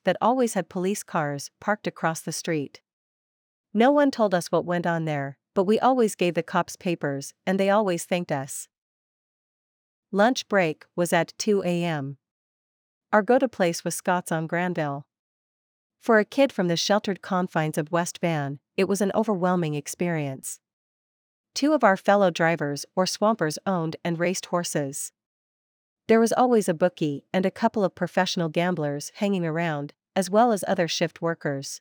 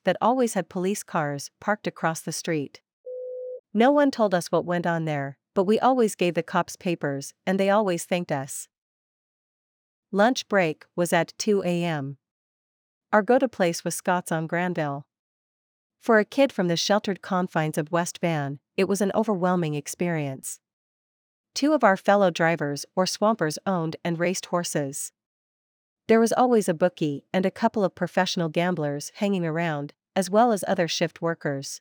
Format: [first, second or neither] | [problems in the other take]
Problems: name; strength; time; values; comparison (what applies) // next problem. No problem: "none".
first | phone ringing; faint; at 3 s; peak 10 dB below the speech